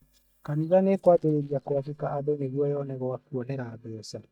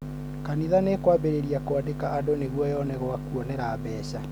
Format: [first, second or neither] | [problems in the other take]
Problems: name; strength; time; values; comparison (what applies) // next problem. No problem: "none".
second | noise reduction (neural mask model DeepFilterNet 3)